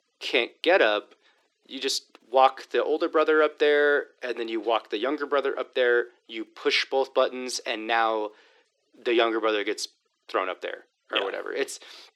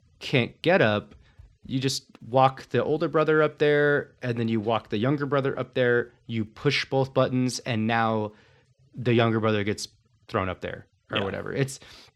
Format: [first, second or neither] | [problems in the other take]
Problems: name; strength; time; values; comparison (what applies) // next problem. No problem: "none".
second | thin; very; fading below 350 Hz